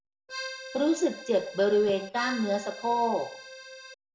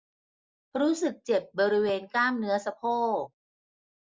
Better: second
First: background sound (Accordion); 13 dB below the speech // room echo; dies away in 0.5 s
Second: none

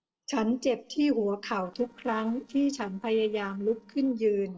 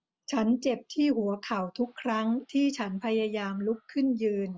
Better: second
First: noise reduction (neural separator model SepFormer DNS4)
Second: none

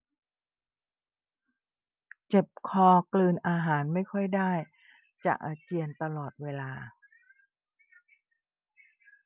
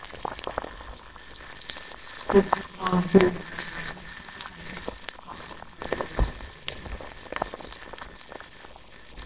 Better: first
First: none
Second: noise reduction (neural separator model SepFormer WHAMR!)

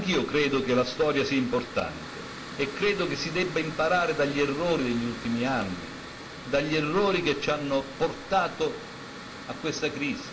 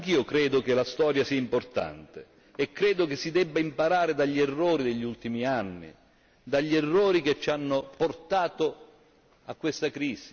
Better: second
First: background sound (Mechanical fan); 12 dB below the speech // room echo; dies away in 0.4 s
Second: none

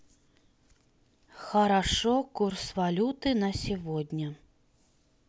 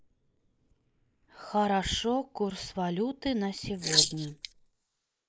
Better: first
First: none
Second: noise reduction (neural mask model Resemble Enhance denoiser)

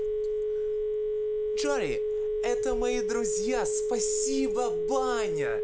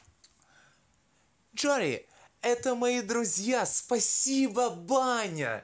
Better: second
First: background sound (Telephone); 5 dB above the speech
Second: none

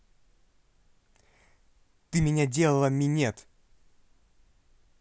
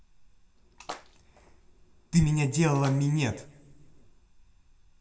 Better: first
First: none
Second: background sound (Splash, splatter); 19 dB below the speech // room echo; dies away in 0.8 s

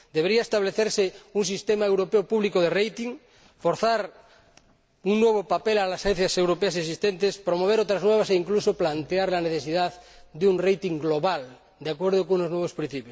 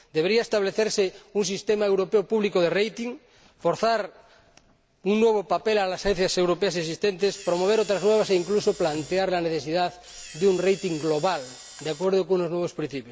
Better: first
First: none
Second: background sound (Camera); 18 dB below the speech

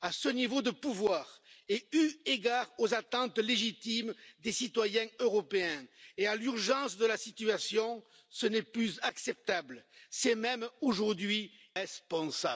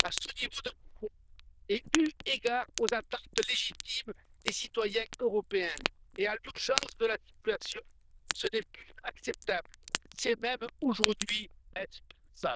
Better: first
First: none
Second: noise reduction (neural diffusion model UNIVERSE++)

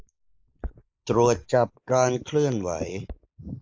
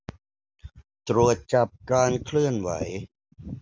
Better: second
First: noise reduction (neural mask model Resemble Enhance denoiser)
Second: none

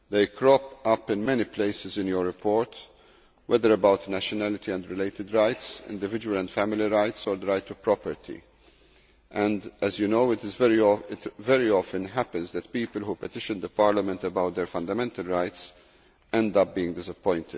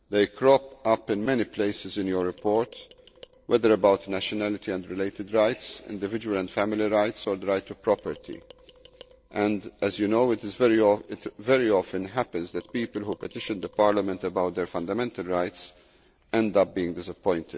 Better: first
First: none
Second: noise reduction (neural separator model SepFormer DNS4)

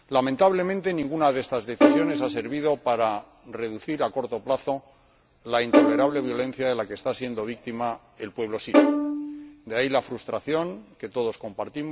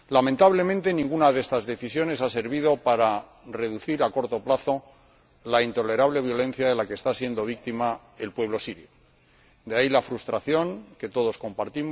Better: second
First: background sound (Bowed string instrument); 1 dB above the speech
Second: none

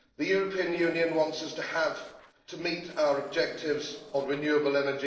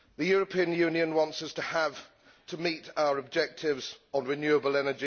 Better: second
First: noise reduction (neural separator model SepFormer DNS4)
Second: none

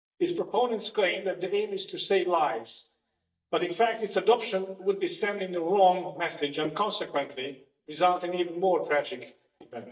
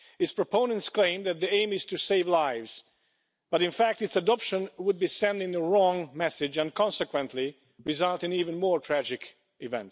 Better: second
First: noise reduction (neural mask model DeepFilterNet 3)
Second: none

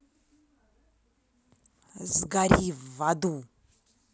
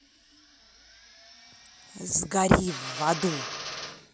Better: first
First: none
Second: background sound (Drill); 11 dB below the speech

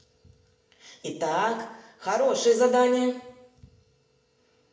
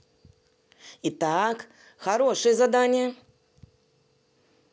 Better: second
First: room echo; dies away in 0.9 s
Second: none

